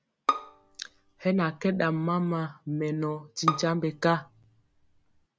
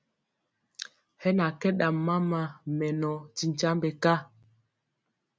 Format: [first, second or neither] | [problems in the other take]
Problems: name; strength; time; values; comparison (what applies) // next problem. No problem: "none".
second | background sound (Bowed string instrument); 6 dB below the speech